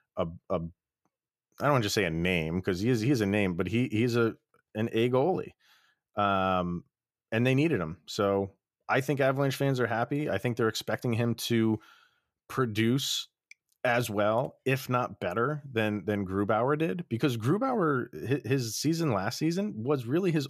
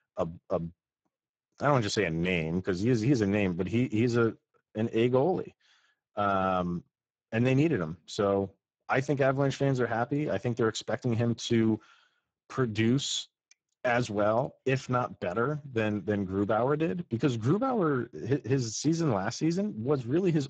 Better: first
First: none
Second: garbled, watery; badly; nothing above 7.5 kHz

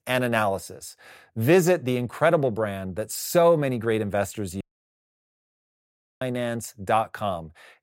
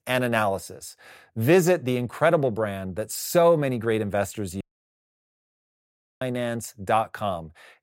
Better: neither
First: audio cutting out; at 4.5 s for 1.5 s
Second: audio cutting out; at 4.5 s for 1.5 s

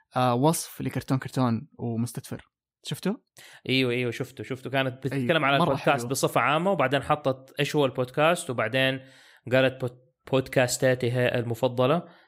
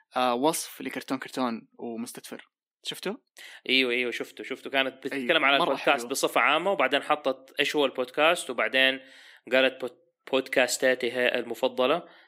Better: first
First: none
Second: thin; very slightly; fading below 250 Hz

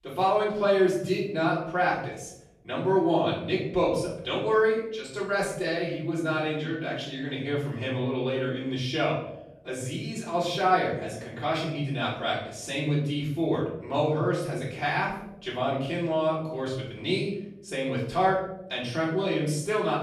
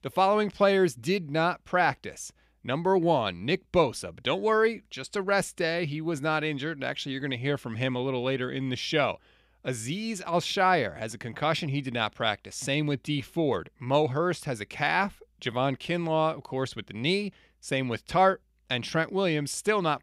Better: second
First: off-mic speech; far // room echo; noticeable; dies away in 0.7 s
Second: none

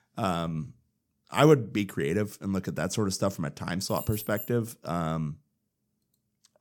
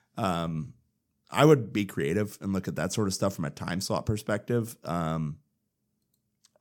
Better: second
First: jangling keys; noticeable; at 4 s; peak 10 dB below the speech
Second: none

